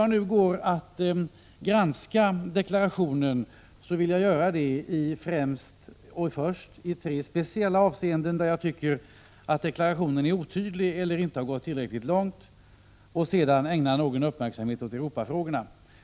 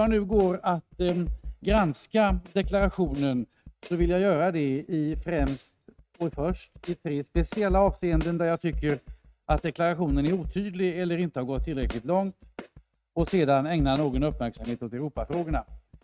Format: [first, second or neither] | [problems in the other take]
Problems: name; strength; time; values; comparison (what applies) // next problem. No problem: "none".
first | noise reduction (neural mask model RNNoise)